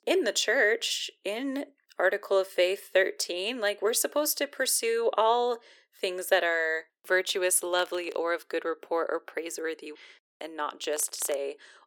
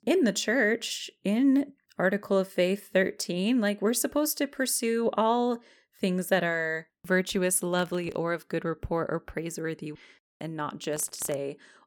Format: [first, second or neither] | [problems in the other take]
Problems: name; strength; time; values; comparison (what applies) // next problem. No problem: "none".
second | thin; very; fading below 350 Hz